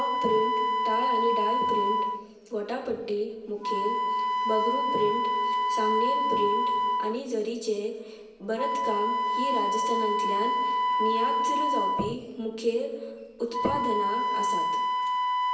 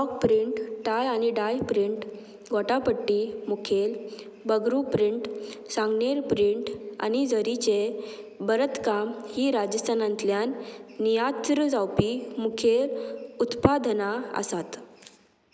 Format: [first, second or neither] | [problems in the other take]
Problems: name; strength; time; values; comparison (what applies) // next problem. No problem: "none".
second | background sound (Wind instrument, woodwind instrument); 4 dB above the speech // room echo; dies away in 0.8 s